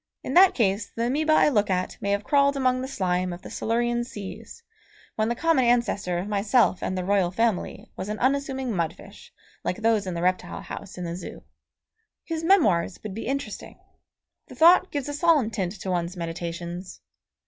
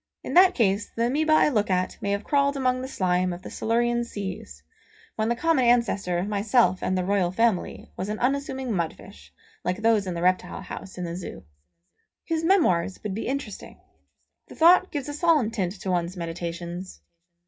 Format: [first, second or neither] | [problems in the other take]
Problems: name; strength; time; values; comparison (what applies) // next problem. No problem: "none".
first | room echo; dies away in 0.3 s